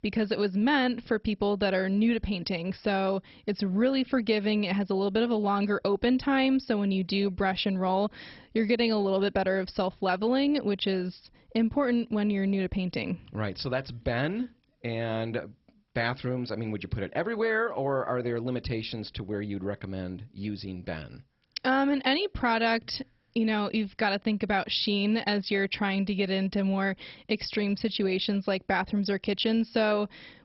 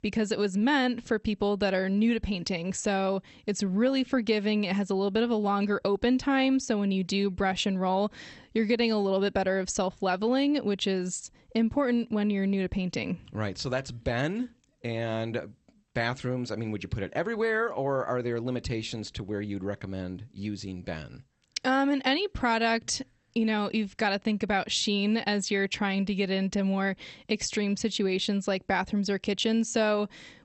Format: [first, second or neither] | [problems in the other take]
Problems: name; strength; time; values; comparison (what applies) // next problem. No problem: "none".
second | garbled, watery; badly; nothing above 5.5 kHz; slightly in the second